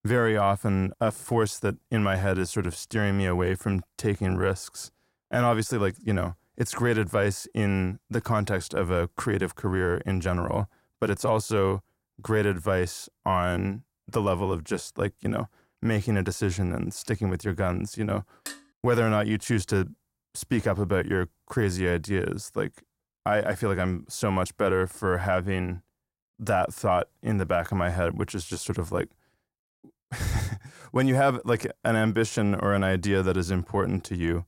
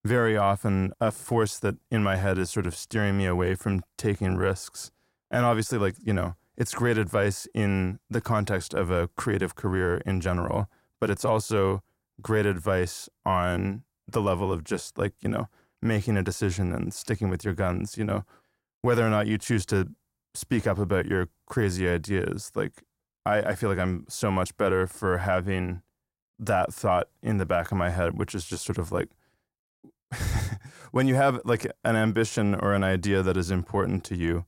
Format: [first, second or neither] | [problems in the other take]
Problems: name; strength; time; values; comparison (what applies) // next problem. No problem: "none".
second | clattering dishes; faint; at 18 s; peak 10 dB below the speech